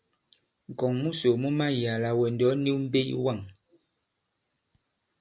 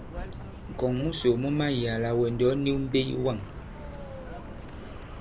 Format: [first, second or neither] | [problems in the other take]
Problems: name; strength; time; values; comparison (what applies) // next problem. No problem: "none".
first | background sound (Car); 10 dB below the speech